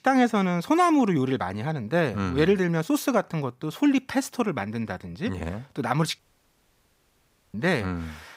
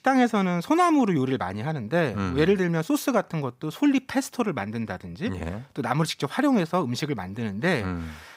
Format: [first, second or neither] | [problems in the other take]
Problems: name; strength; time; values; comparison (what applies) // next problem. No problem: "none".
second | audio cutting out; at 6 s for 1.5 s